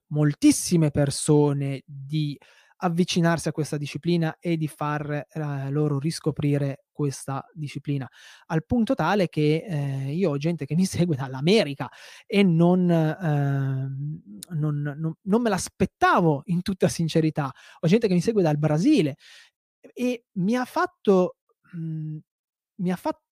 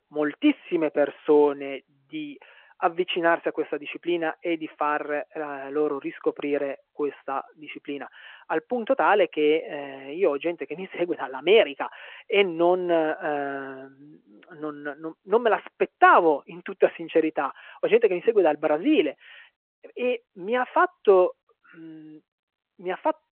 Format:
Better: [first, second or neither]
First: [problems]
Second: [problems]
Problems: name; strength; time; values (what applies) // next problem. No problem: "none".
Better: first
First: none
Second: phone-call audio